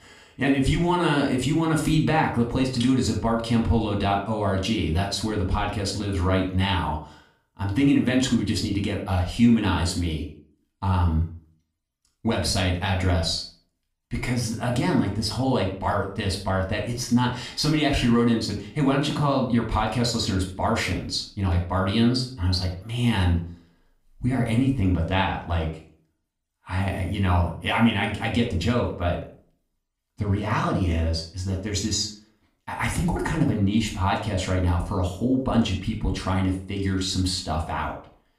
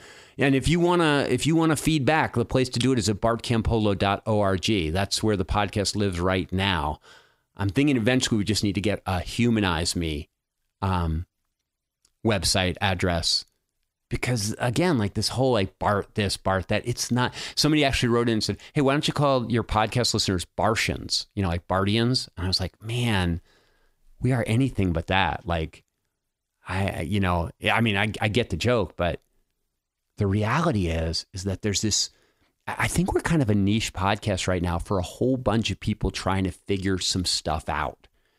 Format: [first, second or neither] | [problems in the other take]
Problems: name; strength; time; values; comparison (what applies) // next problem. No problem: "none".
second | off-mic speech; somewhat distant // room echo; slight; dies away in 0.4 s